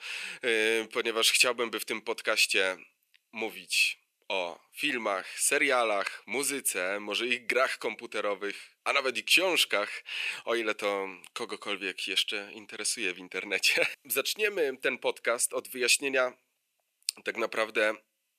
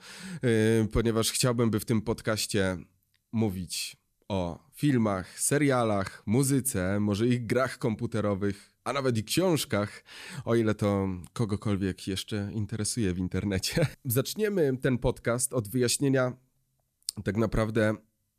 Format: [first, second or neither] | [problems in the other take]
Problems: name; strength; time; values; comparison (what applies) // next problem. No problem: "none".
second | thin; very; fading below 450 Hz